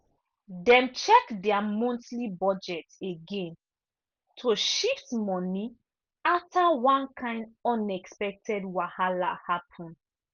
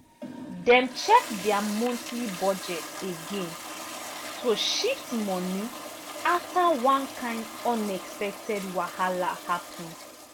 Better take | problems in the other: first | background sound (Toilet flush); 11 dB below the speech

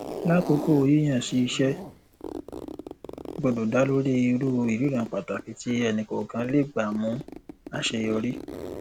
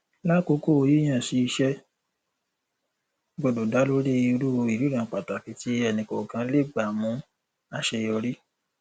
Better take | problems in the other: second | background sound (Zipper (clothing)); 12 dB below the speech

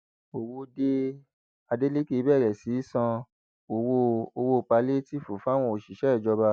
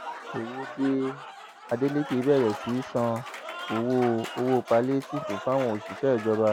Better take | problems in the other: first | background sound (Applause / Crowd); 11 dB below the speech

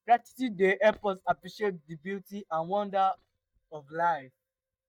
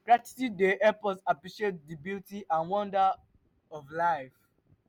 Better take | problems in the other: second | noise reduction (neural mask model DeepFilterNet 3)

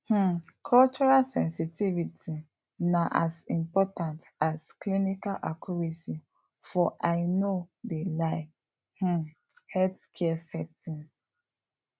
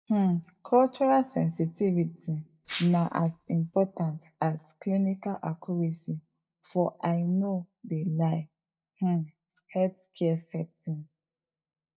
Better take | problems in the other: first | noise reduction (neural mask model DeepFilterNet 3)

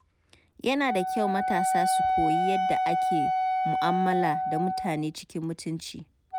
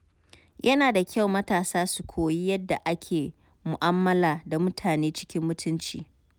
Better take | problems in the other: second | background sound (Wind instrument, woodwind instrument); 3 dB above the speech

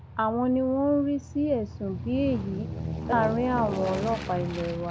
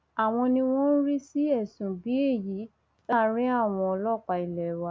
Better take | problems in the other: second | background sound (Aircraft); 7 dB below the speech

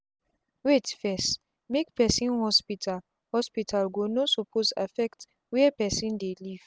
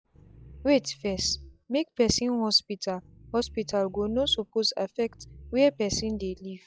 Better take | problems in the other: first | noise reduction (classical method log-MMSE)

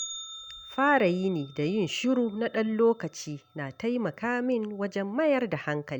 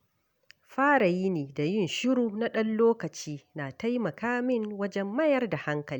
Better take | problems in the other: second | background sound (Bell); 20 dB below the speech

